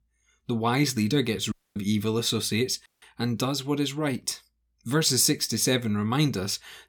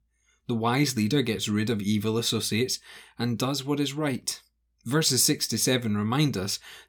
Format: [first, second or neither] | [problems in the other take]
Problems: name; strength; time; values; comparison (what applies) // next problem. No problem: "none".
second | audio cutting out; at 1.5 s and at 3 s